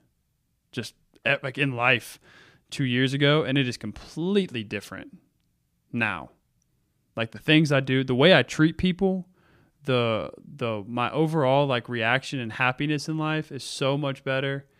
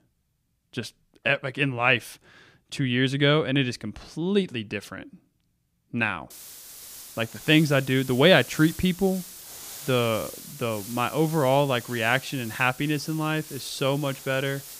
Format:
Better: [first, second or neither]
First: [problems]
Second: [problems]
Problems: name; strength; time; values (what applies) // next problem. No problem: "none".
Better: first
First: none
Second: hiss; noticeable; from 6.5 s on; 15 dB below the speech